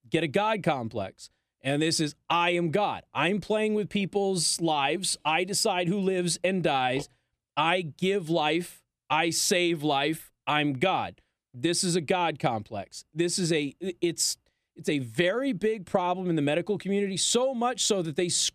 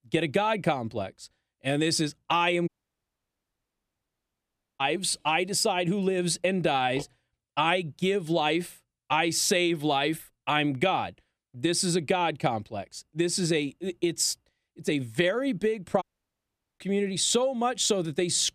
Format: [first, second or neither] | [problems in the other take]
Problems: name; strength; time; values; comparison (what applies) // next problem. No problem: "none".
first | audio cutting out; at 2.5 s for 2 s and at 16 s for 1 s